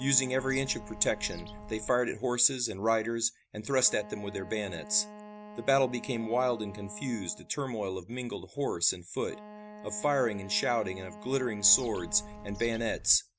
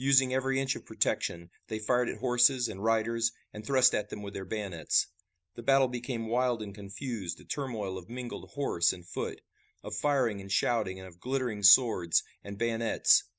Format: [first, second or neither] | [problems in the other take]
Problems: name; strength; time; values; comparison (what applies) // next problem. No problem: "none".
second | background sound (Wind instrument, woodwind instrument + Bird); 16 dB below the speech